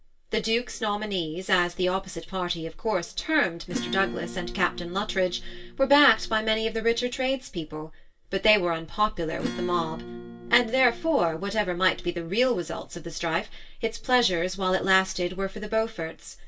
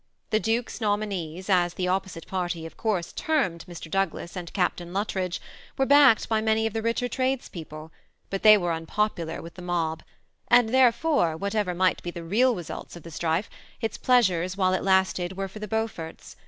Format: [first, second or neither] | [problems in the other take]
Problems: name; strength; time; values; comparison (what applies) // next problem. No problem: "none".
second | background sound (Acoustic guitar / Strum); 12 dB below the speech // room echo; dies away in 0.1 s